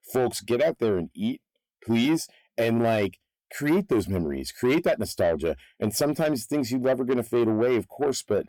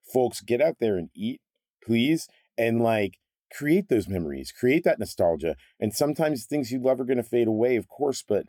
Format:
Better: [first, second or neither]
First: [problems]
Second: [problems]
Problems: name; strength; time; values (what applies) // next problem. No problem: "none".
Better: second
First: distortion; slight; 10 dB below the speech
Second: none